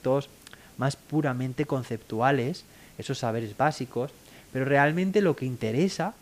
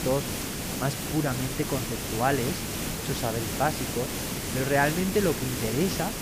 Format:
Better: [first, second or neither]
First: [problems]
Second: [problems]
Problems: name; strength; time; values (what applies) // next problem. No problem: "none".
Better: first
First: hiss; faint; throughout; 25 dB below the speech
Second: hiss; loud; throughout; 2 dB below the speech